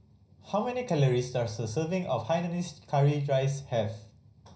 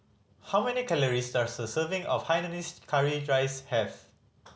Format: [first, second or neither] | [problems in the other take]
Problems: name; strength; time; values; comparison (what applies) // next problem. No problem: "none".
second | room echo; dies away in 0.4 s